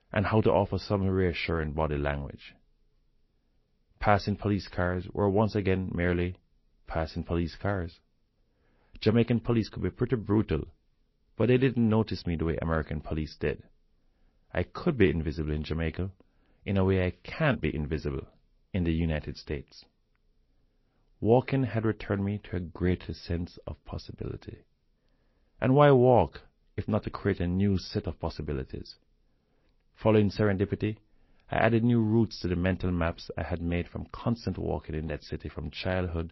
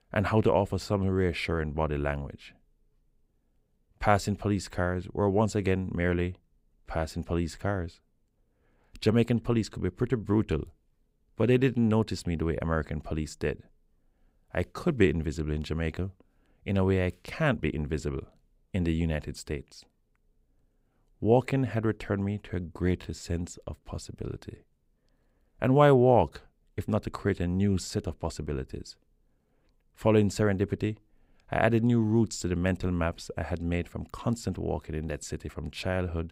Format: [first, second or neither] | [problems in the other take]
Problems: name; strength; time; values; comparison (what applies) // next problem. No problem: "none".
second | garbled, watery; slightly; nothing above 5.5 kHz